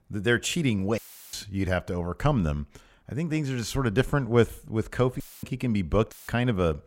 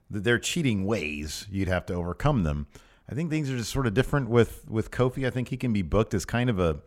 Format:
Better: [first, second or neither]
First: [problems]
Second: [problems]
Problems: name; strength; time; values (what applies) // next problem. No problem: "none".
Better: second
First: audio cutting out; filled with static; at 1 s, at 5 s and at 6 s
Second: none